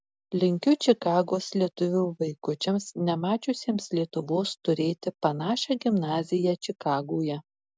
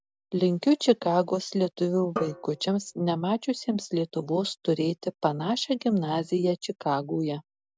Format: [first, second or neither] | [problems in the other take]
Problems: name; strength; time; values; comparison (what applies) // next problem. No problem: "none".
first | background sound (Drum); 13 dB below the speech